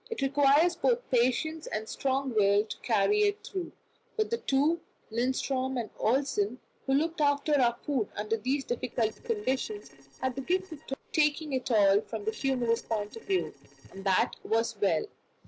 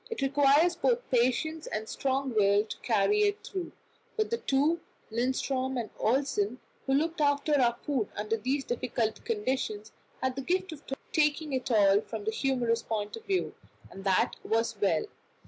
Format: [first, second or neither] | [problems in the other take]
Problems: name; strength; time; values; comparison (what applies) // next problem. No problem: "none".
second | noise reduction (neural separator model SepFormer DNS4)